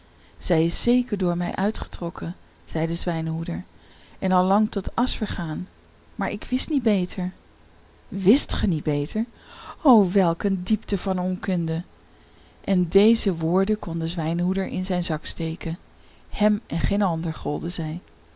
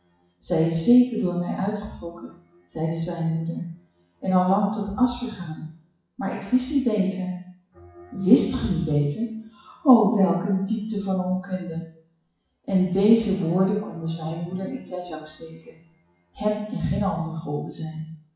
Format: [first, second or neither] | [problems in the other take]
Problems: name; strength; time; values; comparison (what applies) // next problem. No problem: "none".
first | noise reduction (classical method WPE with log-MMSE)